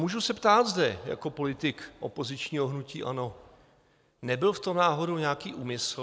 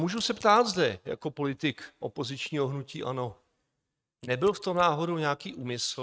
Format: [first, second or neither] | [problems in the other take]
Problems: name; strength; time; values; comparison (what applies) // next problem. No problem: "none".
first | noise reduction (neural mask model RNNoise)